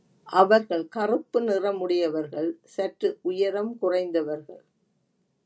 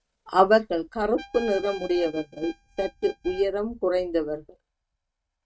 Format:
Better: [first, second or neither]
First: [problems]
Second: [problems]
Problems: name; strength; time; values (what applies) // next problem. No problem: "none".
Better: first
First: none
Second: noise reduction (neural mask model RNNoise)